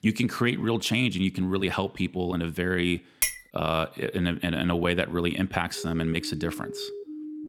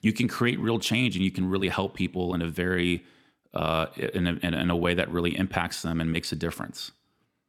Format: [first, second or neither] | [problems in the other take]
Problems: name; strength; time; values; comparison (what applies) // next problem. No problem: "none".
second | clattering dishes; loud; at 3 s; peak 1 dB above the speech // siren; faint; from 5.5 s on; peak 10 dB below the speech